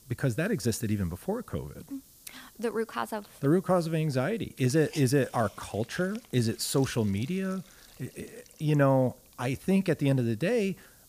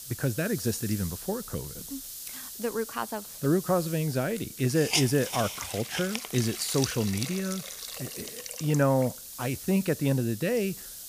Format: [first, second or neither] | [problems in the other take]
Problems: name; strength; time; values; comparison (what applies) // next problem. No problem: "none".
first | hiss; loud; throughout; 7 dB below the speech; faint in the first